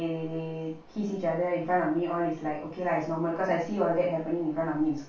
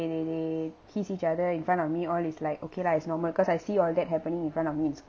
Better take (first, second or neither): second